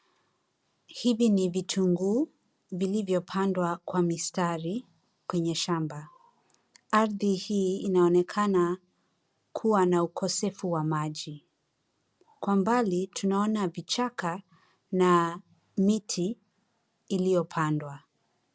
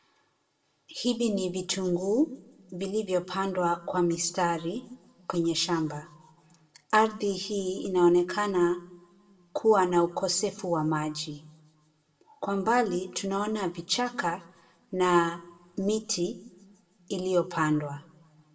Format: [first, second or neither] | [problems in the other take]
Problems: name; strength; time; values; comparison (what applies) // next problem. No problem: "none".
first | room echo; dies away in 0.7 s